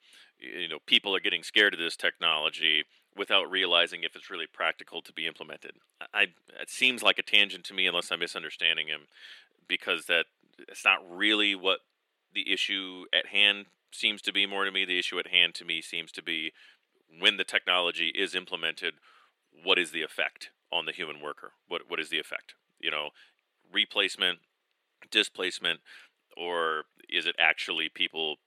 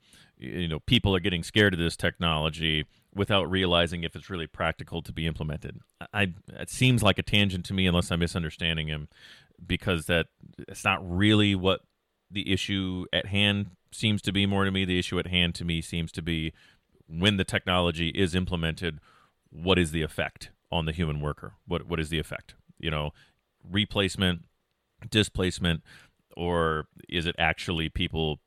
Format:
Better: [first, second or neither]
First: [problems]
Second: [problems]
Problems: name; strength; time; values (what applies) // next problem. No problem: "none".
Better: second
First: thin; very; fading below 300 Hz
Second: none